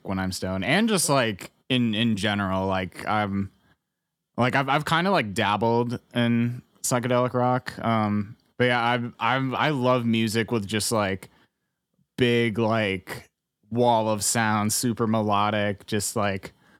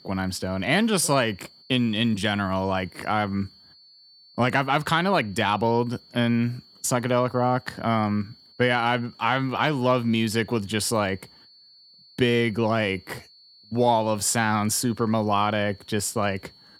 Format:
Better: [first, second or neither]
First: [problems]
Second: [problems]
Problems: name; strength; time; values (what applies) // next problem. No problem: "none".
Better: first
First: none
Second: high-pitched whine; faint; throughout; 4.5 kHz, 25 dB below the speech